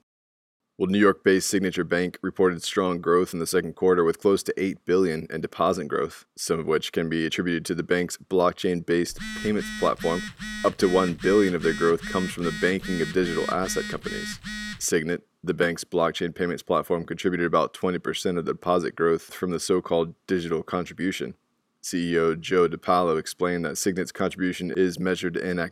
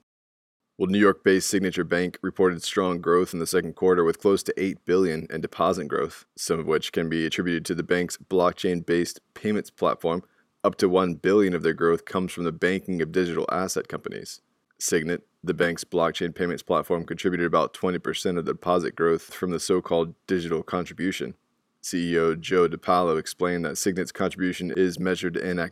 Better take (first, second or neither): second